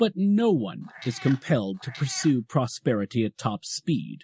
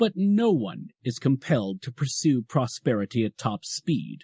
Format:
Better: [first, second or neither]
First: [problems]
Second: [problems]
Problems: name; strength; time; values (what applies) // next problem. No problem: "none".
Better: second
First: background sound (Meow); 17 dB below the speech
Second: none